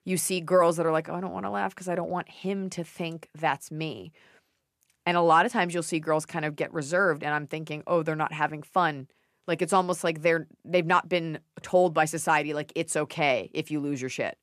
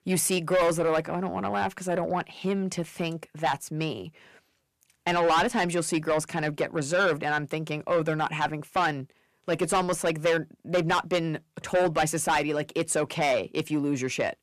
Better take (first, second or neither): first